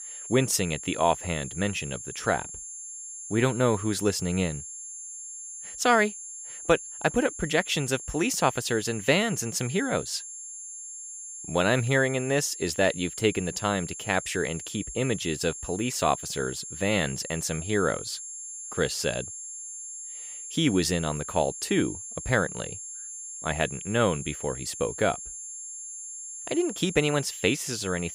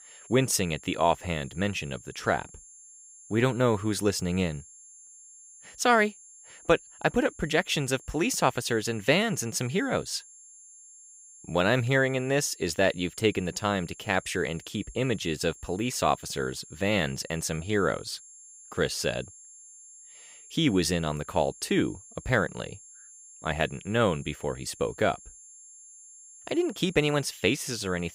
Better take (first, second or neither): second